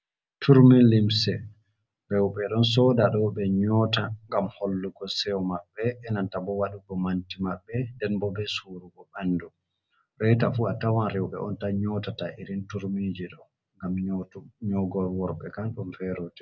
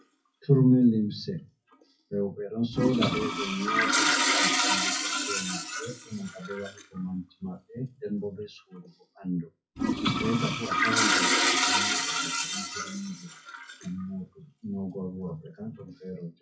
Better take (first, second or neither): first